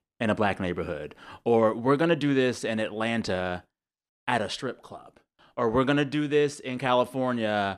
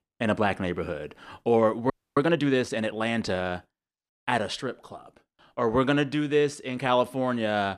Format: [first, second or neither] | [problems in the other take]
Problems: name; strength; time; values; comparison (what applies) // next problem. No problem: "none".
first | audio freezing; at 2 s